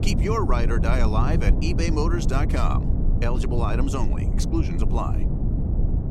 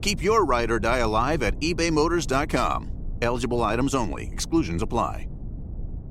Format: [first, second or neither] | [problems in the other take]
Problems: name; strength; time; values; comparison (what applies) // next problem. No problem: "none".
second | low rumble; loud; throughout; 7 dB below the speech; faint in the second